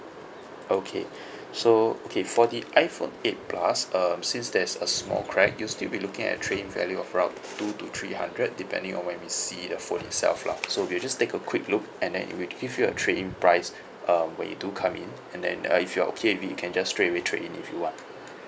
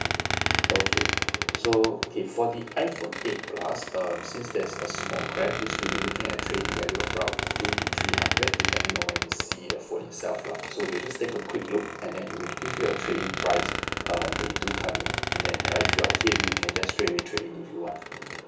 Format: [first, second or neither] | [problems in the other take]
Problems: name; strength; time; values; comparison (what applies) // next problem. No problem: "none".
first | background sound (Squeak); 1 dB above the speech // room echo; dies away in 0.8 s